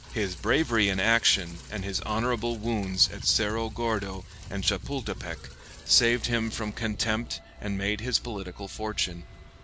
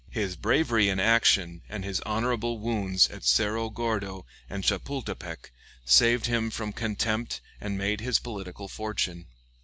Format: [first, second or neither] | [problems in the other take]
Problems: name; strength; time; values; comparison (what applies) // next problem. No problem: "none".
second | background sound (Rain); 15 dB below the speech